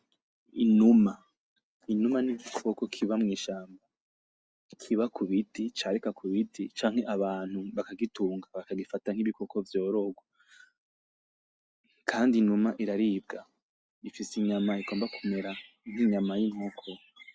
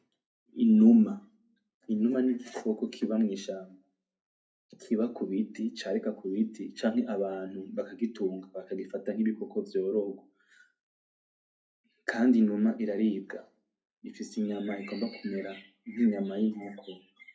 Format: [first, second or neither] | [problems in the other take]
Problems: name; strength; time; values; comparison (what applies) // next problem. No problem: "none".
first | room echo; dies away in 0.3 s